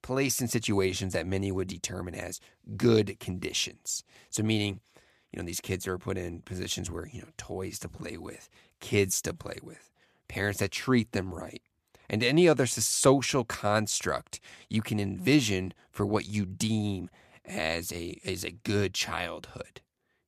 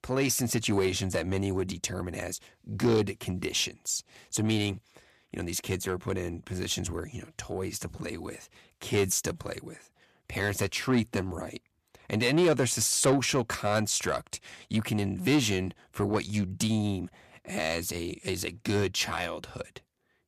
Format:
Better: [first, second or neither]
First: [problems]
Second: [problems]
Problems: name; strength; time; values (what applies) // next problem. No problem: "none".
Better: first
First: none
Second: distortion; slight; 10 dB below the speech